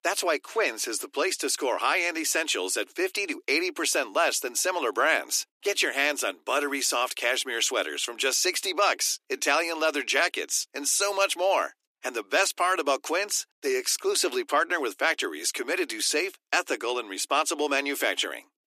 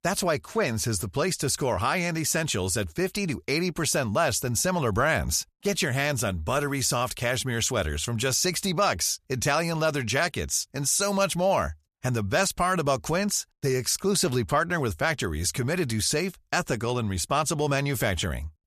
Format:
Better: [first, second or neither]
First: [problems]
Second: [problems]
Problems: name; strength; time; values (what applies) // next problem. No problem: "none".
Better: second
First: thin; somewhat; fading below 300 Hz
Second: none